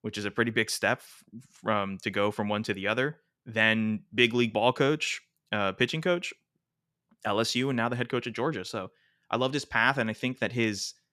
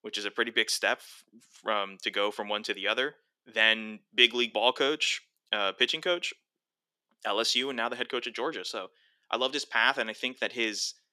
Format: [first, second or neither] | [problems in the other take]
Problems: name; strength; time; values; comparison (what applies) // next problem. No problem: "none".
first | thin; somewhat; fading below 300 Hz